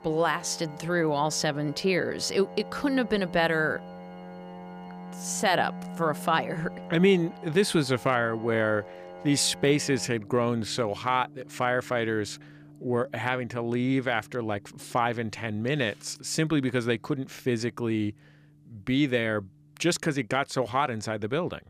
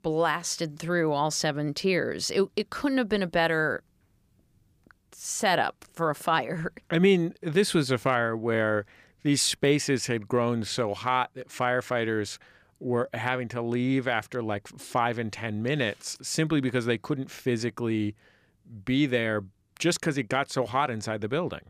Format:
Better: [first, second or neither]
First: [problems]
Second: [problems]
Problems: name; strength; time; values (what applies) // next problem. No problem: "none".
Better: second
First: background music; noticeable; throughout; 15 dB below the speech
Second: none